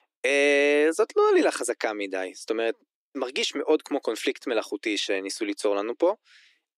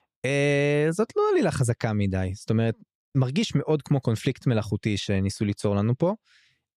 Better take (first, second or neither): second